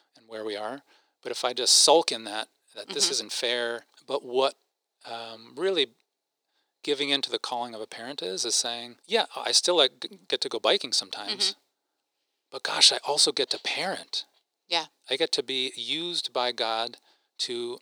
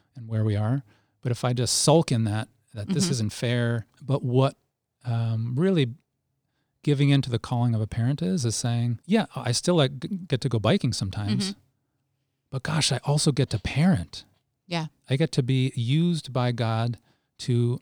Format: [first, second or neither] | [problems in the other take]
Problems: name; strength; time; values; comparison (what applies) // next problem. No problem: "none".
second | thin; very; fading below 400 Hz